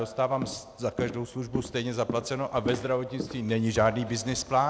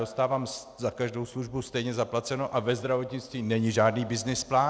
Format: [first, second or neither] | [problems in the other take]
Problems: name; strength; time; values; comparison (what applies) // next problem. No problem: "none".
second | background sound (Walk, footsteps); 11 dB below the speech